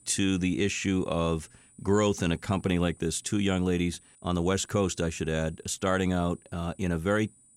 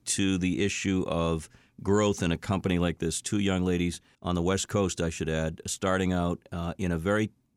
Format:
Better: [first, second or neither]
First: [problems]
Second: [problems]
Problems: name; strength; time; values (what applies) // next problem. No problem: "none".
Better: second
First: high-pitched whine; faint; throughout; 9 kHz, 30 dB below the speech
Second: none